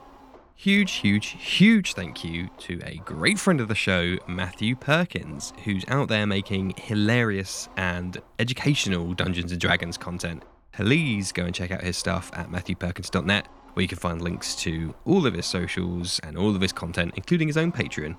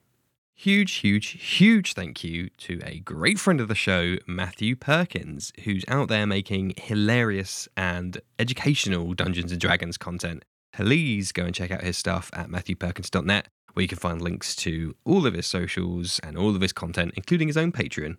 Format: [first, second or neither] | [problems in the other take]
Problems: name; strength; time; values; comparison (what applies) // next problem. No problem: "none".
second | low rumble; faint; throughout; 25 dB below the speech